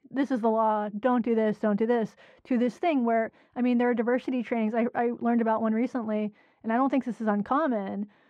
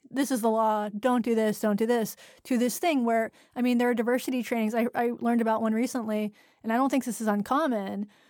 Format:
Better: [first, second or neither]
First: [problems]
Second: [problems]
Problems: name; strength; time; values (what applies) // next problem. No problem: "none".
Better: second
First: muffled; very; fading above 2 kHz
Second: none